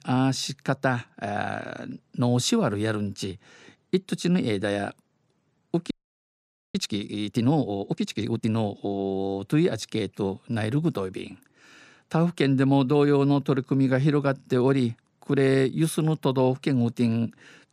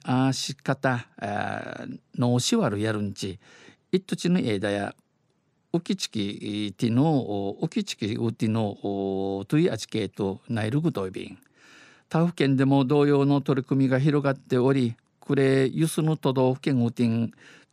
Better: second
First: audio freezing; at 6 s for 1 s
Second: none

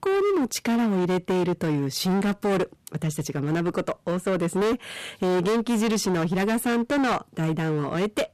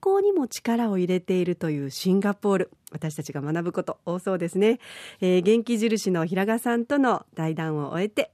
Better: second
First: distortion; heavy; 26% of the sound clipped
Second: none

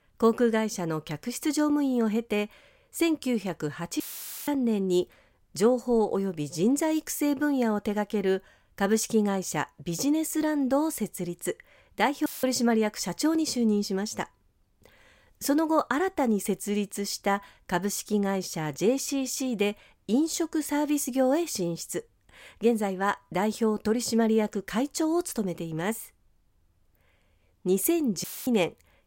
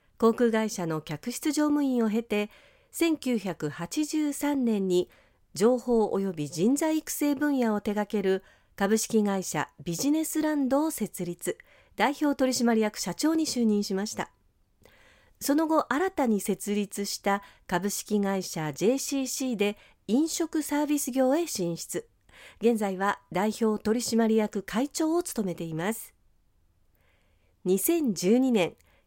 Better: second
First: audio cutting out; filled with static; at 4 s, at 12 s and at 28 s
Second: none

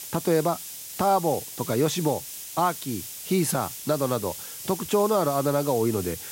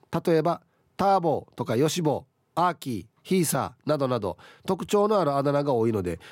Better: second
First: hiss; loud; throughout; 9 dB below the speech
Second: none

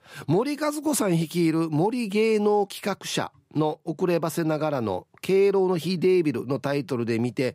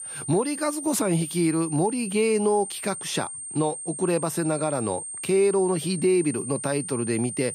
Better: first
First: none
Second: high-pitched whine; loud; throughout; 9 kHz, 7 dB below the speech

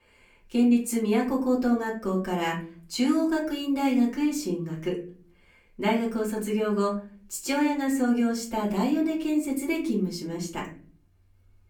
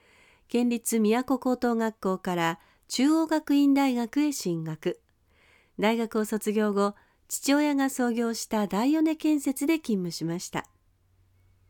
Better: second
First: off-mic speech; far // room echo; very slight; dies away in 0.4 s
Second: none

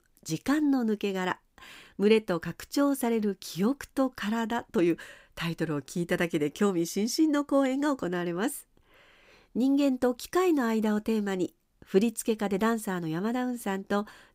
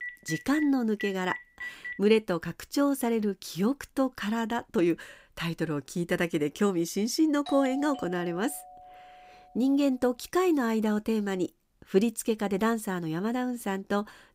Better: first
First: none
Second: phone ringing; noticeable; until 2 s; peak 8 dB below the speech // doorbell; faint; from 7.5 to 9.5 s; peak 10 dB below the speech

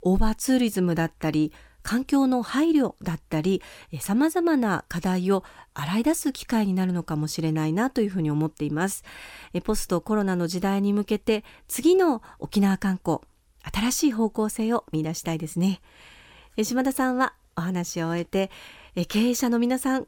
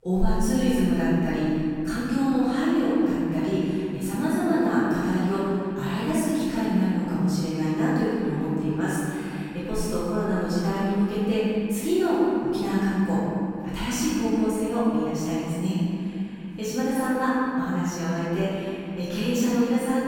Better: first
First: none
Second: room echo; strong; dies away in 2.7 s // off-mic speech; far

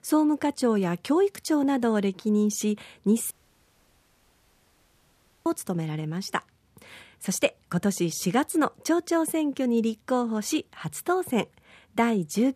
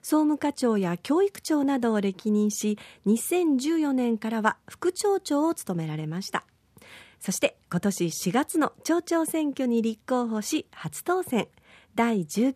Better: second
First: audio cutting out; at 3.5 s for 2 s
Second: none

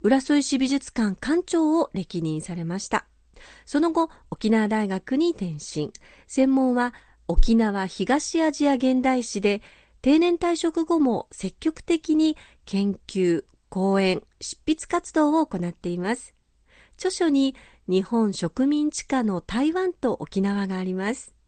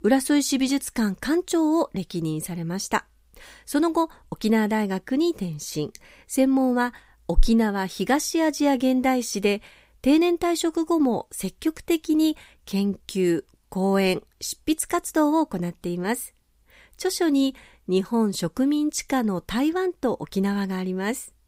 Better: second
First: garbled, watery; slightly; nothing above 8.5 kHz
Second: none

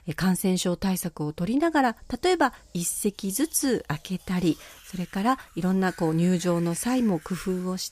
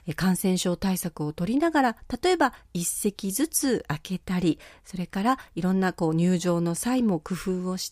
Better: second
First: household noises; faint; throughout; 25 dB below the speech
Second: none

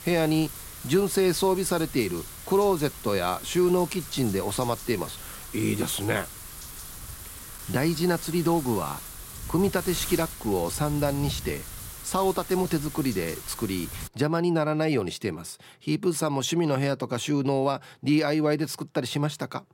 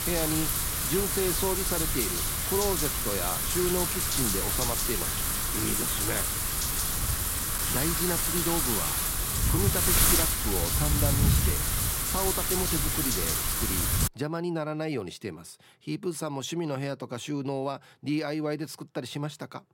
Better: first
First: wind noise on the microphone; occasional gusts; until 14 s; 15 dB below the speech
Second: wind noise on the microphone; heavy; until 14 s; 5 dB above the speech

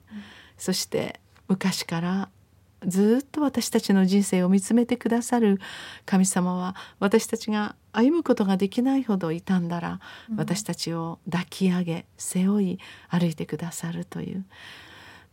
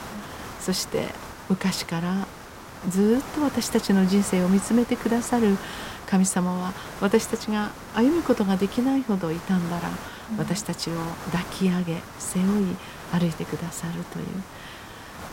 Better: first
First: none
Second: hiss; noticeable; throughout; 15 dB below the speech

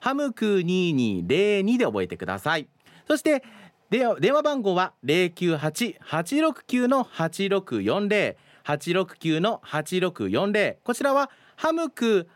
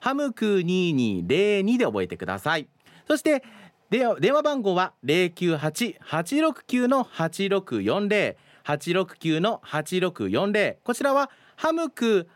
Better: neither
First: none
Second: none

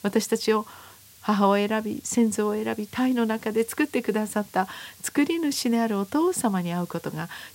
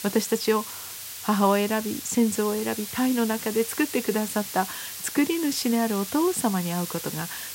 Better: first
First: hiss; faint; throughout; 25 dB below the speech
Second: hiss; loud; throughout; 8 dB below the speech

